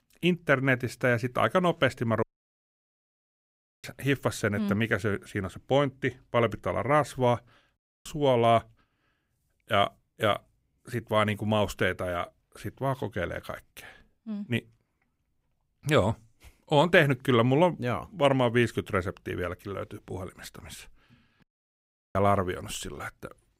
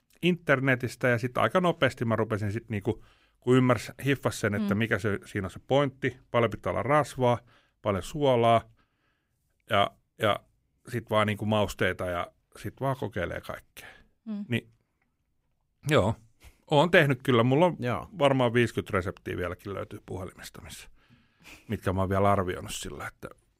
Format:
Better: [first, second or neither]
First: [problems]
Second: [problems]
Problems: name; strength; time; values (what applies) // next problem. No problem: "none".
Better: second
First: audio cutting out; at 2 s for 1.5 s, at 8 s and at 21 s for 0.5 s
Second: none